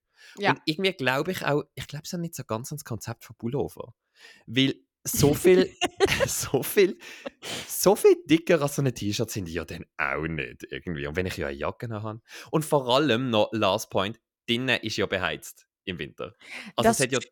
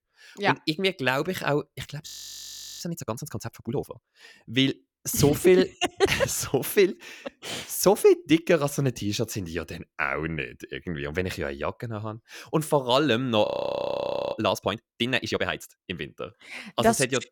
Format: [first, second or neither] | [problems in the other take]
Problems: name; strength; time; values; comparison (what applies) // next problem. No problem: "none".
first | audio freezing; at 2 s for 0.5 s and at 13 s for 1 s